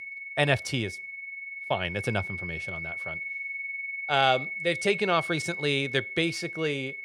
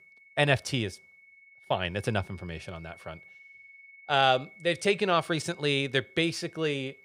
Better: second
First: high-pitched whine; loud; throughout; 2 kHz, 6 dB below the speech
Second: high-pitched whine; faint; throughout; 2 kHz, 25 dB below the speech

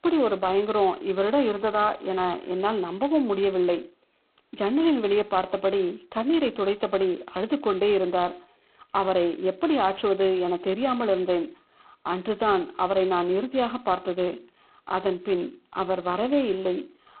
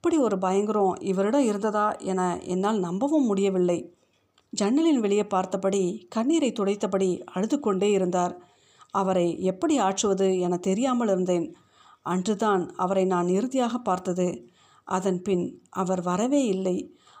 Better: second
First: phone-call audio; poor line; nothing above 4 kHz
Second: none

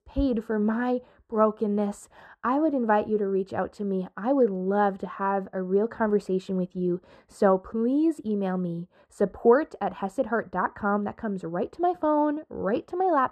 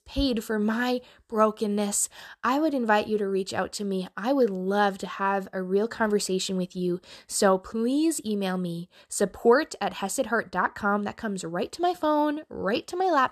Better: second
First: muffled; very; fading above 2.5 kHz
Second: none

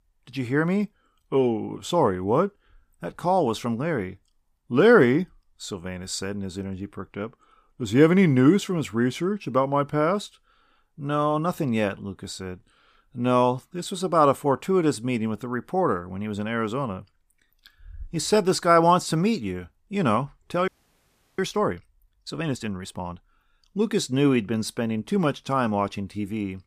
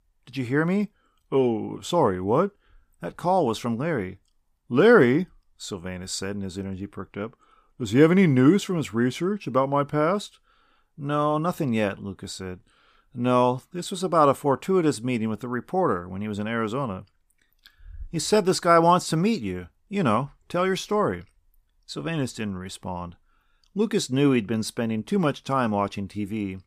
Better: second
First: audio freezing; at 21 s for 0.5 s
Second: none

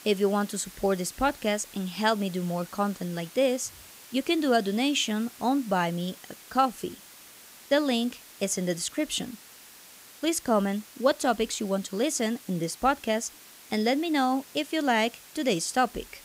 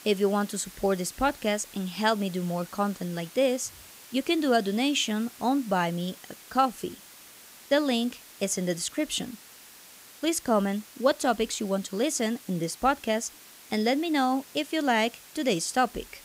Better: neither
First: hiss; noticeable; throughout; 20 dB below the speech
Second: hiss; noticeable; throughout; 20 dB below the speech

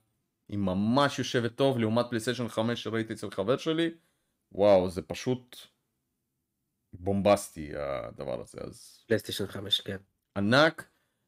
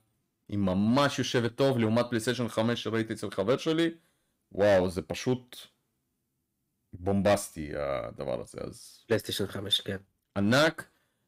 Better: first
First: none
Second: distortion; slight; 3% of the sound clipped

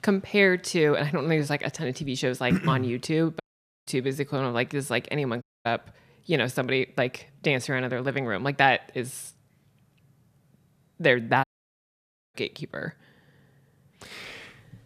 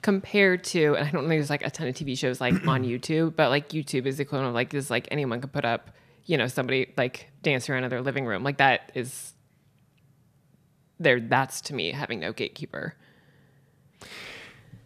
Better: second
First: audio cutting out; at 3.5 s, at 5.5 s and at 11 s for 1 s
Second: none

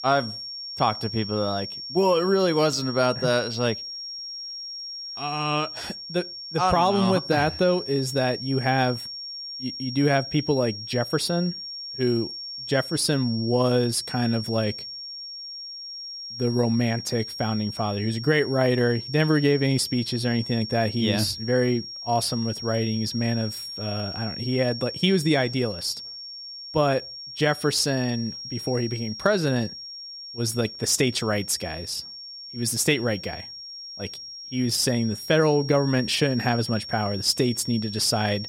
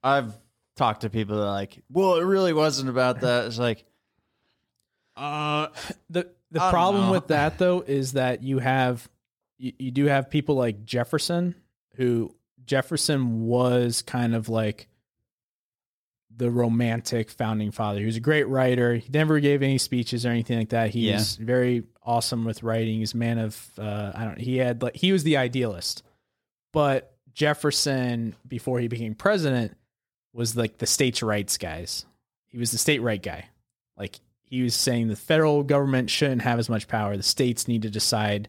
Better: second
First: high-pitched whine; loud; throughout; 5.5 kHz, 9 dB below the speech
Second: none

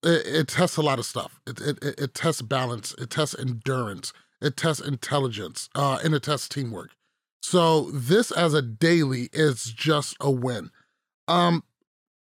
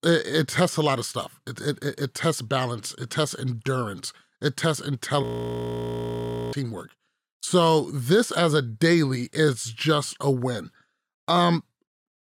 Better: first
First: none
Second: audio freezing; at 5 s for 1.5 s

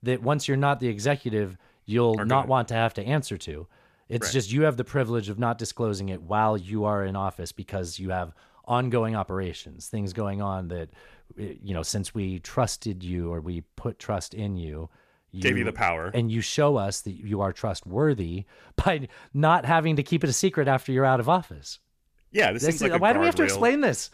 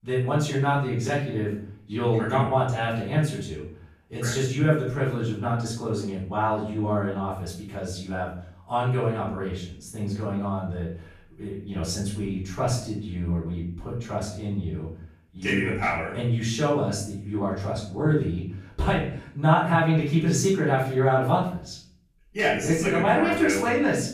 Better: first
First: none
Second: off-mic speech; far // room echo; noticeable; dies away in 0.5 s

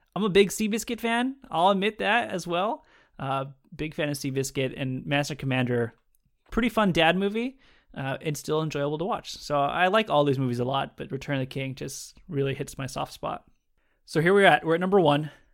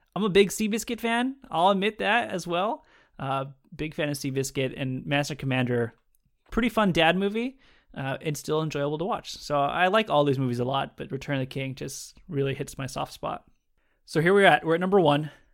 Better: neither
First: none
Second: none

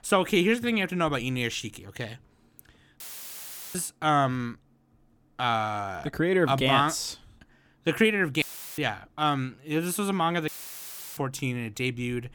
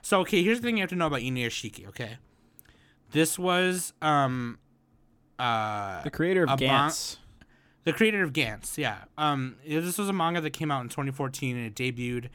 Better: second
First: audio cutting out; filled with static; at 3 s for 0.5 s, at 8.5 s and at 10 s for 0.5 s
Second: none

